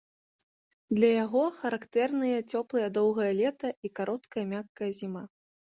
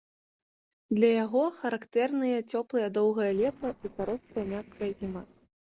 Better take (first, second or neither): first